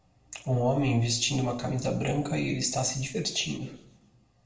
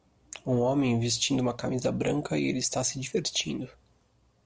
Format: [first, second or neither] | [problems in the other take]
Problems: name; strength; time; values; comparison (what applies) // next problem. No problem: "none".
second | room echo; dies away in 0.5 s